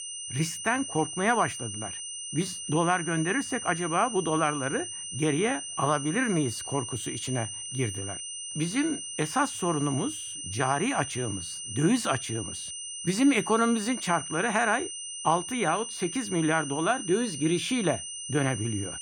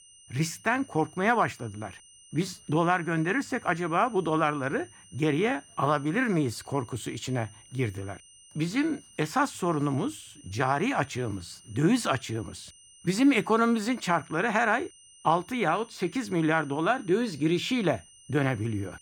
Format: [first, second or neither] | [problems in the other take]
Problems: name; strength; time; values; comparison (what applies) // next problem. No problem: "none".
second | high-pitched whine; loud; throughout; 9 kHz, 6 dB below the speech; faint in the second